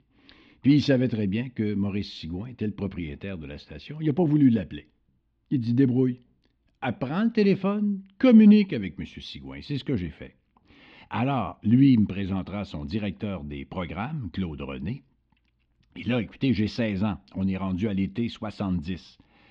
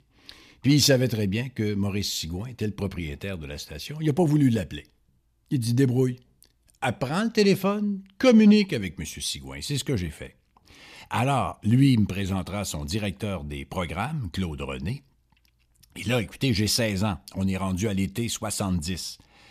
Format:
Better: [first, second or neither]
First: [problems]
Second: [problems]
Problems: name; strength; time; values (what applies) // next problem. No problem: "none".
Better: second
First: muffled; slightly; fading above 3.5 kHz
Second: none